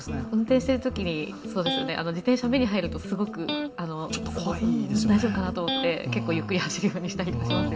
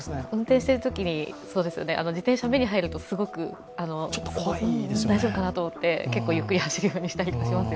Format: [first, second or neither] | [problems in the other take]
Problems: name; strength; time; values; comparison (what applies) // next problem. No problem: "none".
second | background sound (Electric guitar); 9 dB below the speech // room echo; dies away in 0.6 s